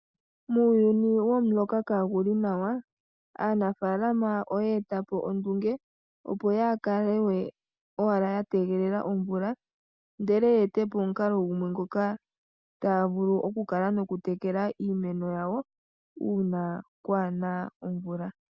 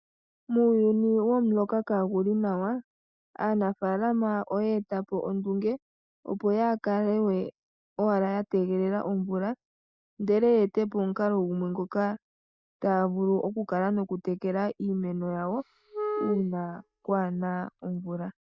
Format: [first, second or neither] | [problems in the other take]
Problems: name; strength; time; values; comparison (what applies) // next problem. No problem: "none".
first | noise reduction (neural mask model DeepFilterNet 3)